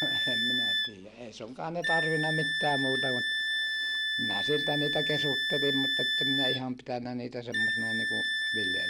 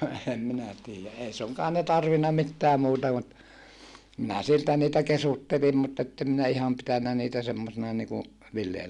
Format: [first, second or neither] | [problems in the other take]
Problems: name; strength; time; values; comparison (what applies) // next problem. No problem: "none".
second | background sound (Wind instrument, woodwind instrument); 4 dB above the speech